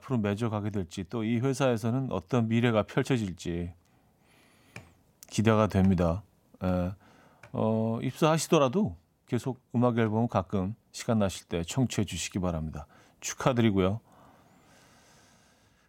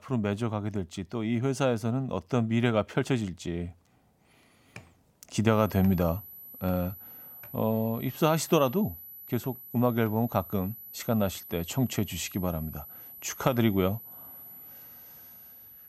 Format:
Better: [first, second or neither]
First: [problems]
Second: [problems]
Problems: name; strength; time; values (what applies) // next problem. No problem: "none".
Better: first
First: none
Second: high-pitched whine; noticeable; from 5.5 s on; 12 kHz, 15 dB below the speech